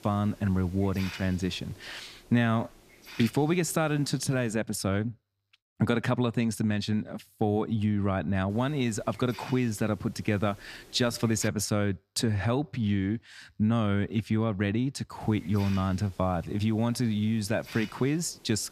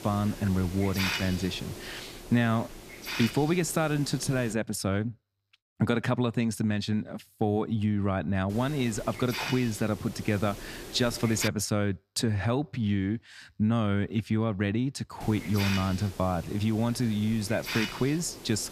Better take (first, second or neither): first